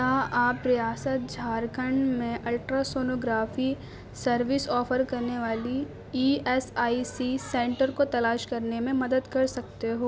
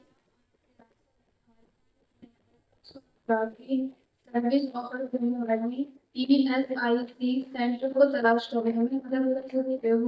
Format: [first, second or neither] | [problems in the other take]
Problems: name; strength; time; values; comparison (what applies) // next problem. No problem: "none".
first | noise reduction (neural mask model DeepFilterNet 3)